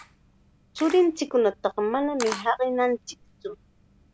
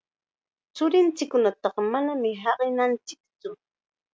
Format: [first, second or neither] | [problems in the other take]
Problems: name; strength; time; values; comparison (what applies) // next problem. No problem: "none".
second | background sound (Camera); 17 dB below the speech